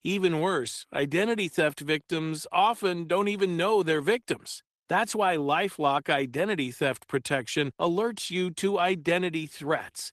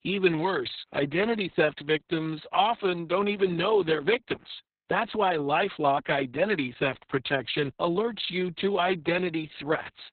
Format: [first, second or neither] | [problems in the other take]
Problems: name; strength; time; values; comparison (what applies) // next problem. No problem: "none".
first | garbled, watery; badly; nothing above 4 kHz; slightly in the first